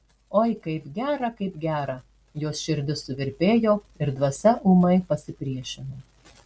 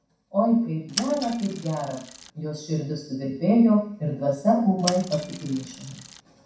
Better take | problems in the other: first | background sound (Mechanisms / Bicycle); 12 dB below the speech // room echo; dies away in 0.6 s

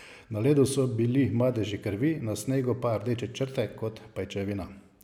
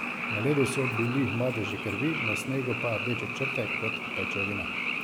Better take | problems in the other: first | background sound (Frog); 1 dB below the speech

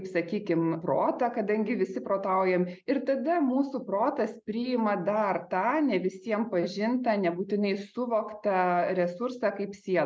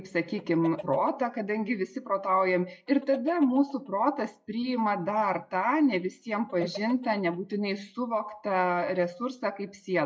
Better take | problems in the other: first | noise reduction (classical method WPE with log-MMSE)

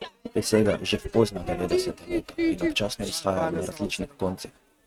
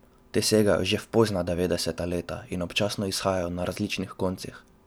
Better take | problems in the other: second | noise reduction (neural mask model RNNoise)

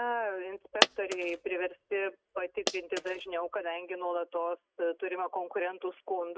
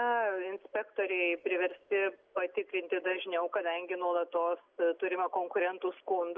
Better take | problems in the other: second | noise reduction (neural mask model RNNoise)

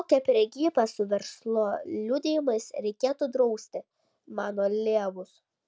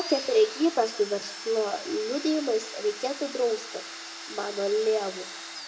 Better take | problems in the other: first | background sound (Domestic sounds, home sounds); 11 dB below the speech // room echo; dies away in 0.6 s

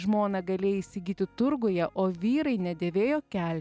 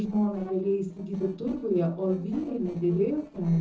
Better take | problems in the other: first | noise reduction (neural separator model SepFormer DNS4)

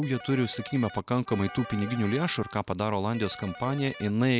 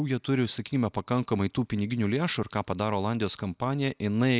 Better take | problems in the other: second | background sound (Electric guitar + Wind instrument, woodwind instrument); 15 dB below the speech

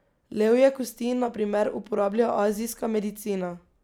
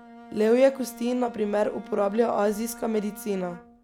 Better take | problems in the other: first | background sound (Bowed string instrument); 19 dB below the speech

